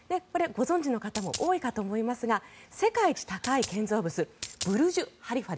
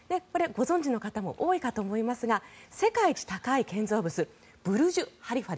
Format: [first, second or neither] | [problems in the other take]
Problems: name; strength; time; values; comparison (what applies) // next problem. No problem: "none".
second | background sound (Coin (dropping)); 10 dB below the speech